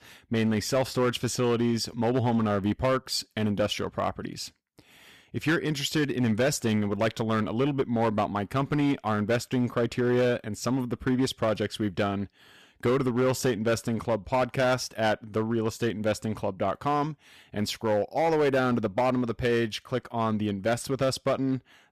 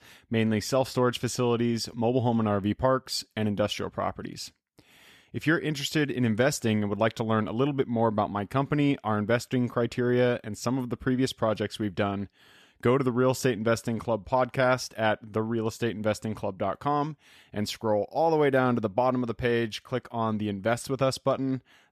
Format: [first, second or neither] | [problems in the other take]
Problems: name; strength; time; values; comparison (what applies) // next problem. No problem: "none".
second | distortion; slight; 7% of the sound clipped